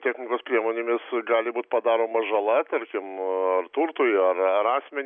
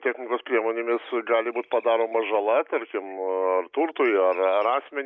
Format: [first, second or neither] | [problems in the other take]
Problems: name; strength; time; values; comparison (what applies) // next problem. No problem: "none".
first | noise reduction (neural mask model Resemble Enhance denoiser)